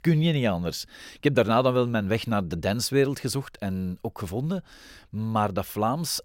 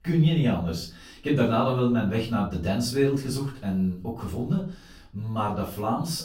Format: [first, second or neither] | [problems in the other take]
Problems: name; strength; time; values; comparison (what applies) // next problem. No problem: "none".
first | room echo; noticeable; dies away in 0.3 s // off-mic speech; far